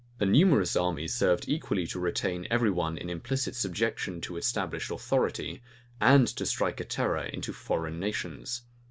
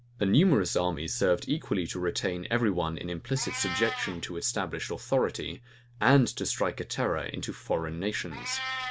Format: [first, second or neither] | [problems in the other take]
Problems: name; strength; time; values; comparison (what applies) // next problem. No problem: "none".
first | background sound (Meow); 14 dB below the speech